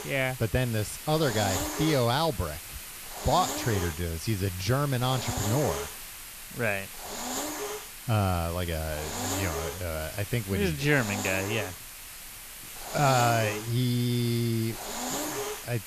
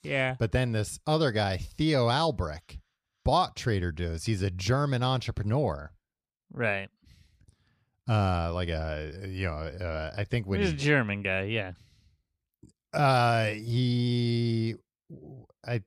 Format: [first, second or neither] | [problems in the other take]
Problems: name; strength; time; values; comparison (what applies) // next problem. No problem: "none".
second | hiss; loud; throughout; 7 dB below the speech